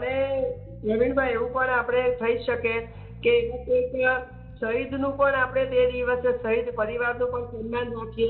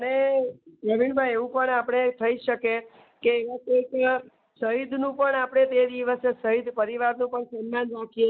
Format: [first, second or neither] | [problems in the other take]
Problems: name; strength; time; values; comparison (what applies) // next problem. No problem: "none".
second | background sound (Bass guitar); 16 dB below the speech // room echo; dies away in 1.2 s